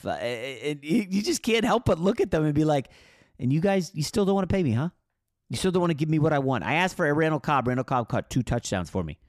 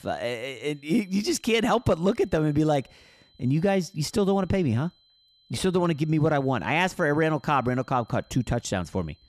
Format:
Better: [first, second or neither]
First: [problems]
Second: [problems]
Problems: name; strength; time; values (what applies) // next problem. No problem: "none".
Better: first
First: none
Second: high-pitched whine; faint; throughout; 4 kHz, 35 dB below the speech